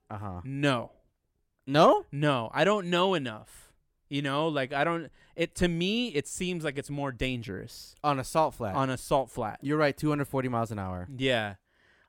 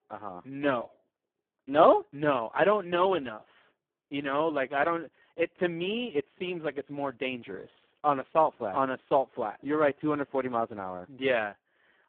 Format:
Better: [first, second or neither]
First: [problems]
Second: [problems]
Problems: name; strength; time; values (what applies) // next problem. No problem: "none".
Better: first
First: none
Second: phone-call audio; poor line